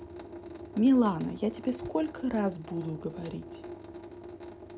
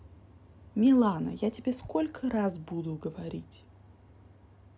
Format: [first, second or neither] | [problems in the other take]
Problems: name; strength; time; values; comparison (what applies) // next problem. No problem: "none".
second | background sound (Drip / Sink (filling or washing) / Water tap, faucet); 13 dB below the speech